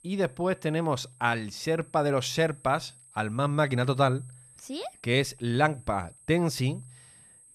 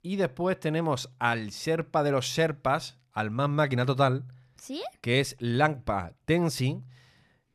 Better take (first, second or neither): second